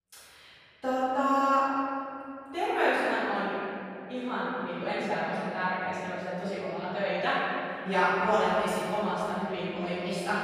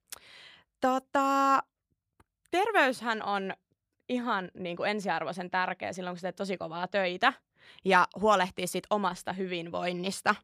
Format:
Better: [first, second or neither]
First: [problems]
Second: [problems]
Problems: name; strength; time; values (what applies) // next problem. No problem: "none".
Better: second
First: room echo; strong; dies away in 3 s // off-mic speech; far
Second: none